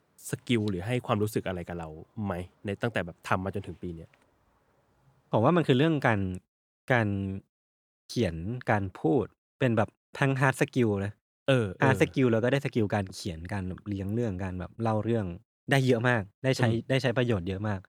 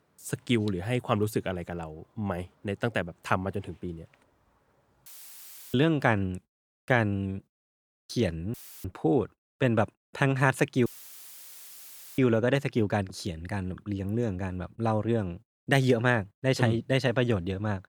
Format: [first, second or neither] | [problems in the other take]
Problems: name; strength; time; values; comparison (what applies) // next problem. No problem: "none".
first | audio cutting out; filled with static; at 5 s for 0.5 s, at 8.5 s and at 11 s for 1.5 s